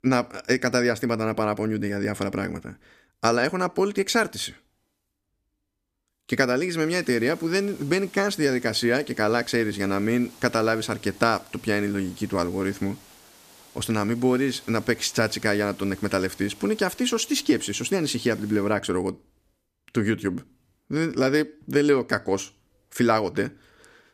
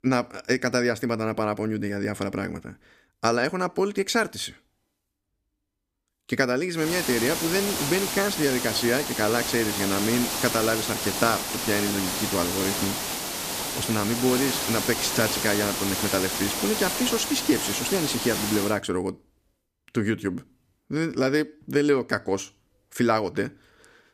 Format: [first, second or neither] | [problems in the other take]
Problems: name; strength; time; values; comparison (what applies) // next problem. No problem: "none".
first | hiss; loud; from 7 to 19 s; 1 dB below the speech; faint in the first